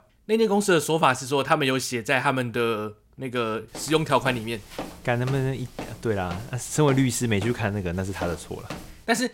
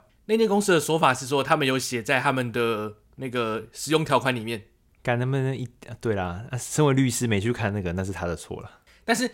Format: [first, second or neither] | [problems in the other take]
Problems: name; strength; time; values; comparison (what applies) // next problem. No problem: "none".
second | footsteps; faint; from 3.5 s on; peak 10 dB below the speech